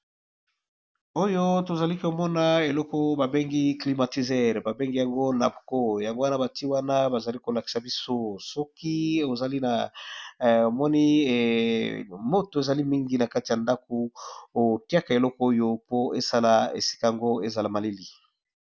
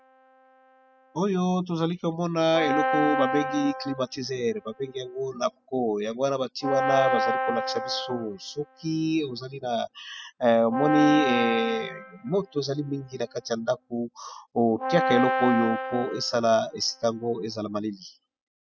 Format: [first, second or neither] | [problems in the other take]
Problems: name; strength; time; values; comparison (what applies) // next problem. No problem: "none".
first | noise reduction (classical method spectral subtraction)